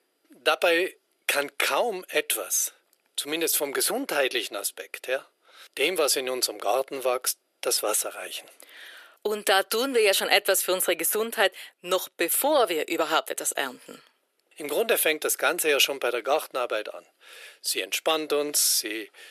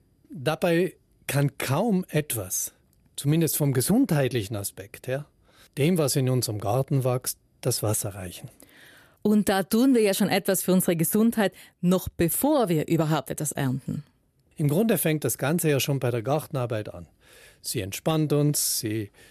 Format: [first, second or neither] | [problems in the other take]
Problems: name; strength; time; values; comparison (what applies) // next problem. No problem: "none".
second | thin; very; fading below 400 Hz